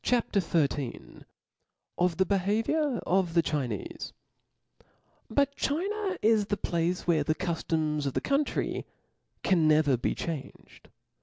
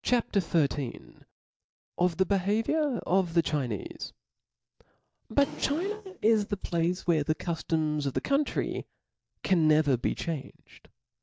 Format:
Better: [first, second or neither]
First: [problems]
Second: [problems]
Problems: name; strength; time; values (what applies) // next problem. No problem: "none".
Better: first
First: none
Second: noise reduction (neural mask model DeepFilterNet 3)